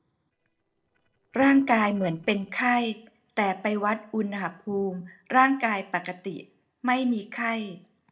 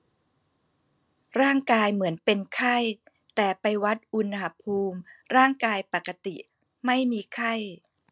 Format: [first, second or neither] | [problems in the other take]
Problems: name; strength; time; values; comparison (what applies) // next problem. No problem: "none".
second | noise reduction (neural separator model SepFormer DNS4)